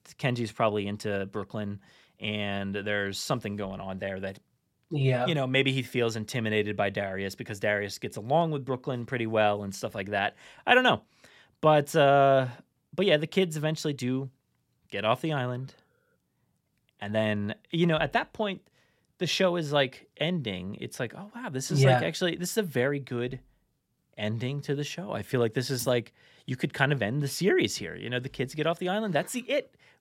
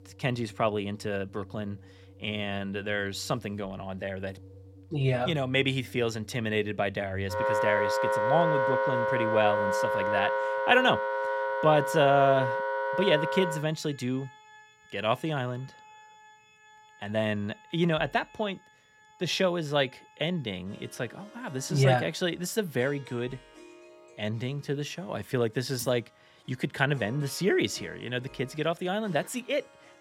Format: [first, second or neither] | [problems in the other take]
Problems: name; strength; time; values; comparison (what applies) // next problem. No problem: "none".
first | background music; very loud; throughout; 1 dB above the speech